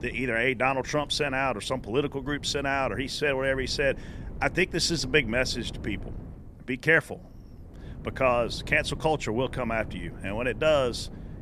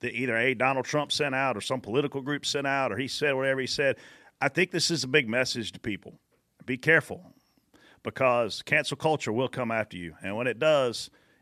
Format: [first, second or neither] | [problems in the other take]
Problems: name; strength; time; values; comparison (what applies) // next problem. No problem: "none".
second | wind noise on the microphone; occasional gusts; 25 dB below the speech